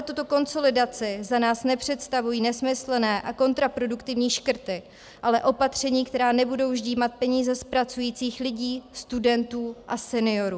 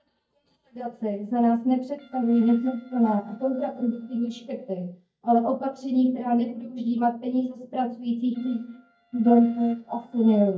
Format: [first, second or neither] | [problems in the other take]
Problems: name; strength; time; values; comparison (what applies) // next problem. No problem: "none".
first | noise reduction (neural mask model DeepFilterNet 3)